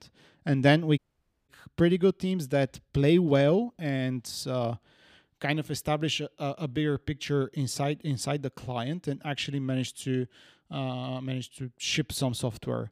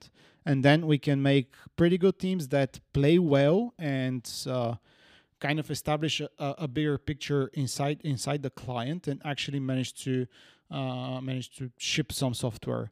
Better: second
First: audio cutting out; at 1 s for 0.5 s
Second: none

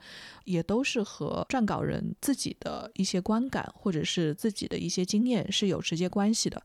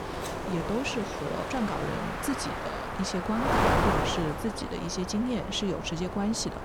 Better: first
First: none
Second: wind noise on the microphone; heavy; 4 dB above the speech

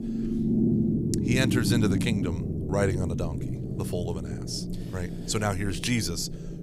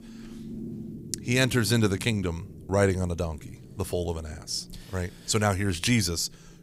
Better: second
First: low rumble; loud; throughout; 4 dB below the speech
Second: low rumble; faint; throughout; 20 dB below the speech

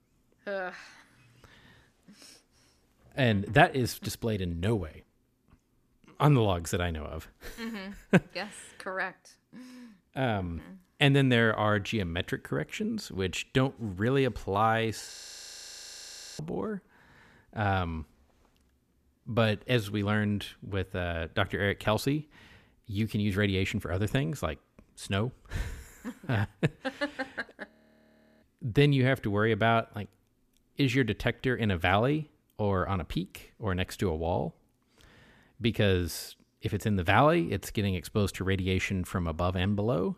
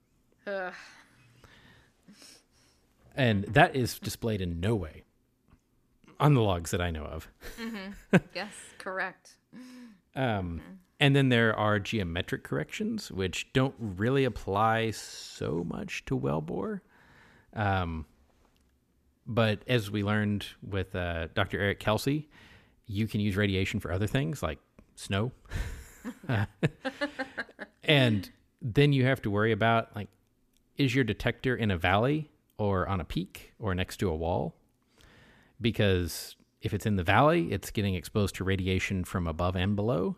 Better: second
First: audio freezing; at 15 s for 1.5 s and at 28 s for 0.5 s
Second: none

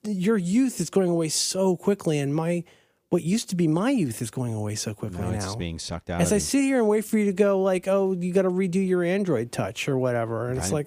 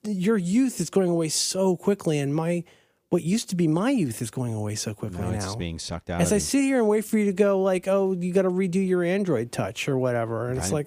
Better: neither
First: none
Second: none

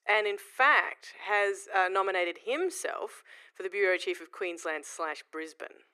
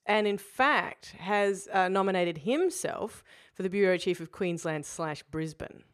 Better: second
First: thin; very; fading below 350 Hz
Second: none

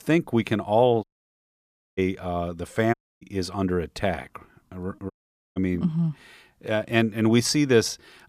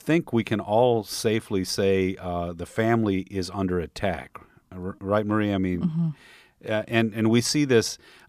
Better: second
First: audio cutting out; at 1 s for 1 s, at 3 s and at 5 s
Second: none

